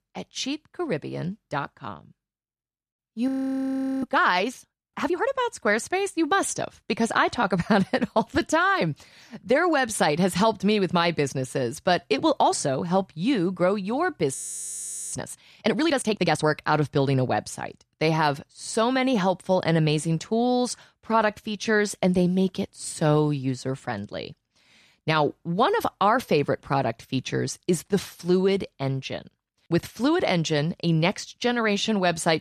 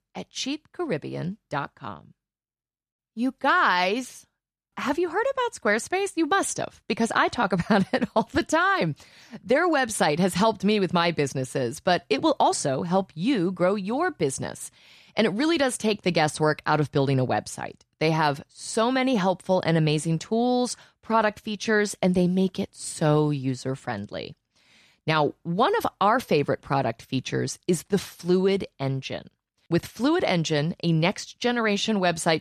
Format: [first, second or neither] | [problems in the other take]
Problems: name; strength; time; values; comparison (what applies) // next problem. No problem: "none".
second | audio freezing; at 3.5 s for 0.5 s and at 14 s for 1 s